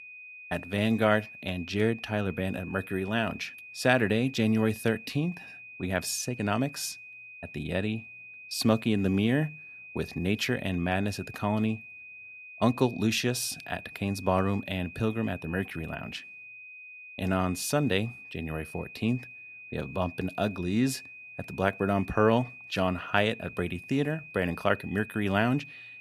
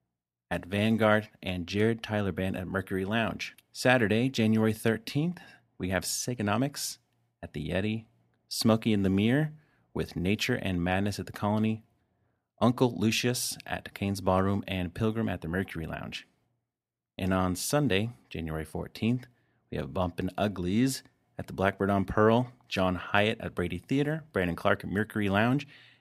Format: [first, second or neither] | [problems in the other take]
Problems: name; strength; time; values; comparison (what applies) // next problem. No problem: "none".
second | high-pitched whine; noticeable; throughout; 2.5 kHz, 15 dB below the speech